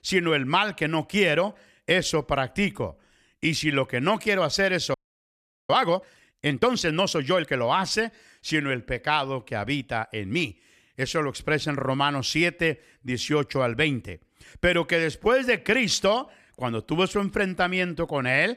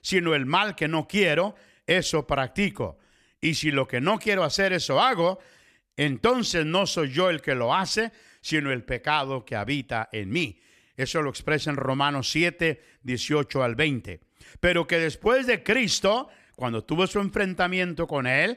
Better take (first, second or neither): second